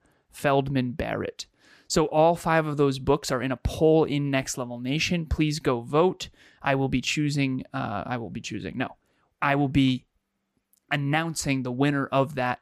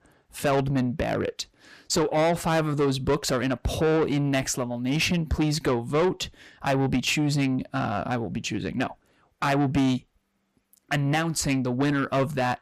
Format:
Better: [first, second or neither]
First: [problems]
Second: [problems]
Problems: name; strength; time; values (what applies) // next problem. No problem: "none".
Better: first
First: none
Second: distortion; heavy; 8 dB below the speech